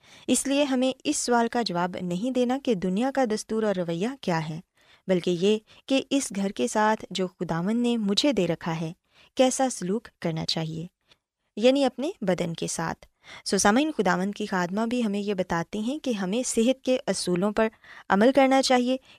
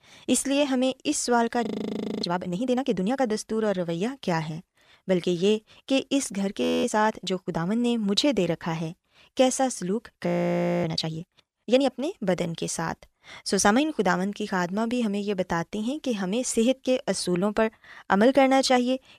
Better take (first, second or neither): first